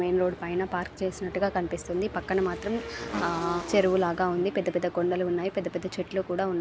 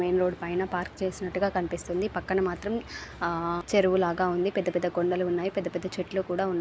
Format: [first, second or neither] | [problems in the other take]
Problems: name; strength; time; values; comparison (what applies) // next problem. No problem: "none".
second | background sound (Motorcycle / Engine); 13 dB below the speech